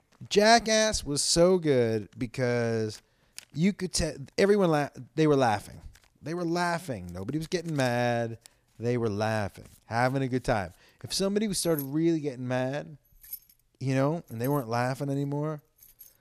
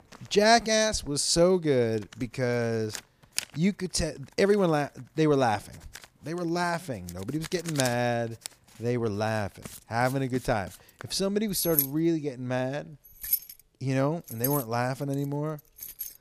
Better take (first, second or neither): first